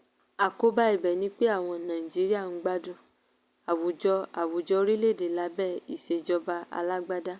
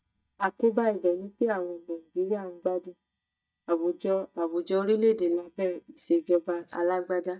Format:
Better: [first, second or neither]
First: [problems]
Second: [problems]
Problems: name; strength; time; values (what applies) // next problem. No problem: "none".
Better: first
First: none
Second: noise reduction (neural mask model DeepFilterNet 3)